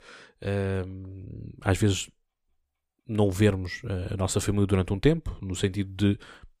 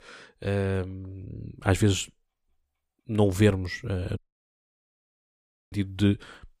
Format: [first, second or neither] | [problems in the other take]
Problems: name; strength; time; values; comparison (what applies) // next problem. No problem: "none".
first | audio cutting out; at 4 s for 1.5 s